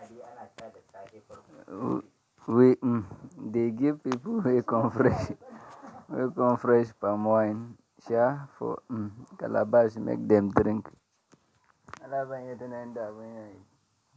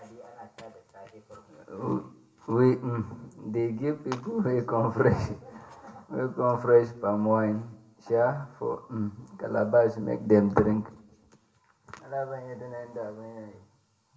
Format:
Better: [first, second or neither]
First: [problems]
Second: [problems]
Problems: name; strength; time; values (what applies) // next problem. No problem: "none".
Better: first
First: none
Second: room echo; dies away in 0.4 s